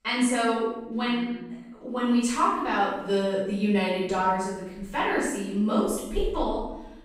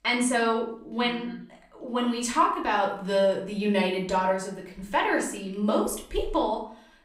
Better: second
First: room echo; strong; dies away in 1.2 s // off-mic speech; far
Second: room echo; slight; dies away in 0.4 s // off-mic speech; far

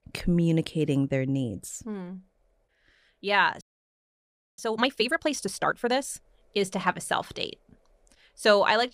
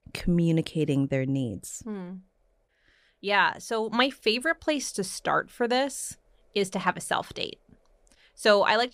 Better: second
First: audio freezing; at 3.5 s for 1 s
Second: none

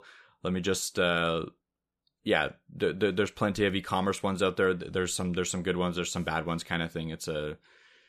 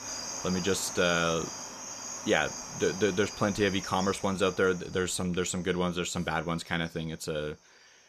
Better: first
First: none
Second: animal sounds; loud; throughout; 8 dB below the speech

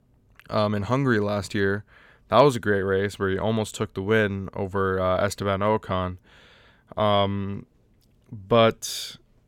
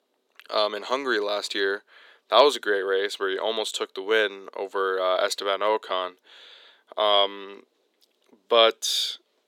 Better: first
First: none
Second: thin; very; fading below 350 Hz

